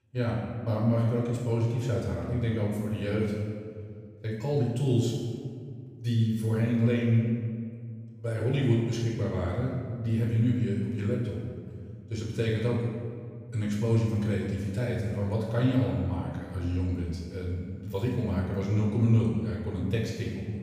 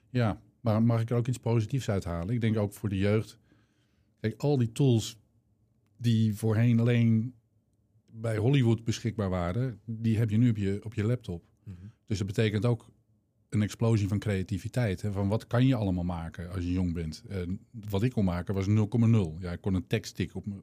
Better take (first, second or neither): second